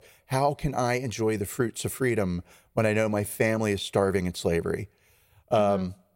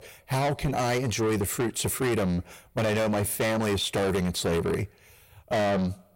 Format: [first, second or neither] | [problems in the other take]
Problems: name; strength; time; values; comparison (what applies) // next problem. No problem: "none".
first | distortion; heavy; 6 dB below the speech